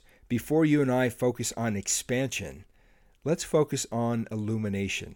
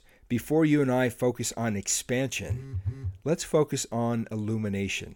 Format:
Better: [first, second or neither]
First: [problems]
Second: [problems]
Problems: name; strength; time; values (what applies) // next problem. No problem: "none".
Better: first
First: none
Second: phone ringing; noticeable; at 2.5 s; peak 6 dB below the speech